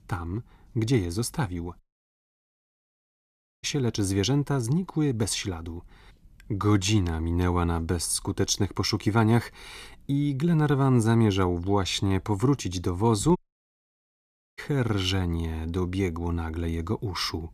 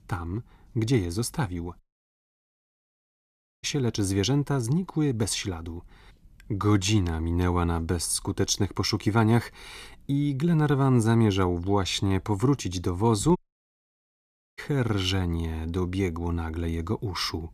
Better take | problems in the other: neither | audio cutting out; at 2 s for 2 s and at 13 s for 1 s; the same in both

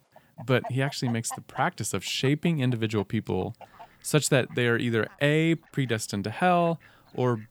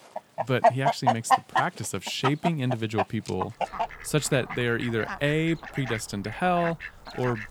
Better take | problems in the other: first | animal sounds; loud; throughout; 2 dB below the speech; faint in the first

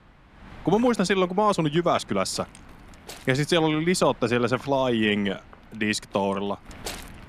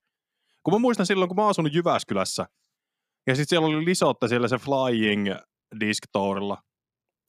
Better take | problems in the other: second | wind noise on the microphone; occasional gusts; 20 dB below the speech

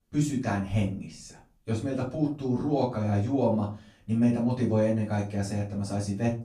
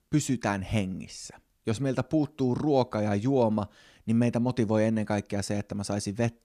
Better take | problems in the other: second | off-mic speech; far // room echo; slight; dies away in 0.3 s

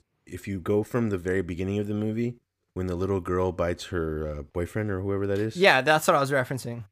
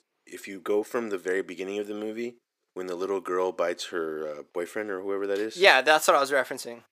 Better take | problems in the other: first | thin; somewhat; fading below 350 Hz

